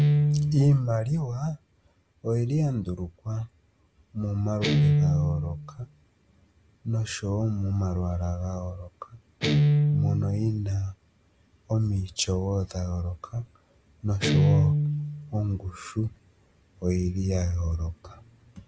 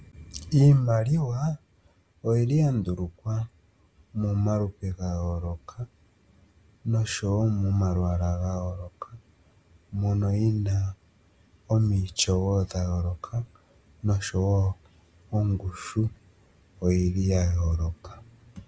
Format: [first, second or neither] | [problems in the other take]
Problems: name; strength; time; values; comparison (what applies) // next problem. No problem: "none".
second | background sound (Guitar); as loud as the speech